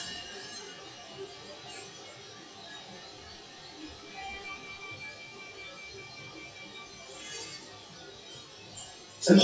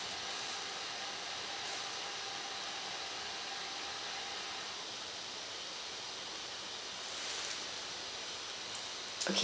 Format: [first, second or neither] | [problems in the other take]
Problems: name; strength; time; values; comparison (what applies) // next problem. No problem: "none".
second | noise reduction (classical method WPE with log-MMSE)